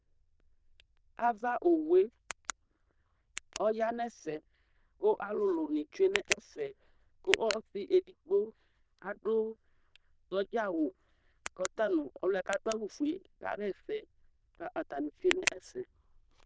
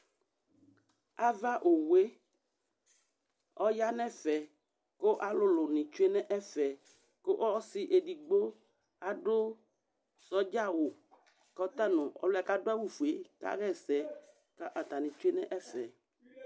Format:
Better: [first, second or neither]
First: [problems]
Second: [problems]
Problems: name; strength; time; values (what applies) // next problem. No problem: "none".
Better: second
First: noise reduction (neural diffusion model UNIVERSE++)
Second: none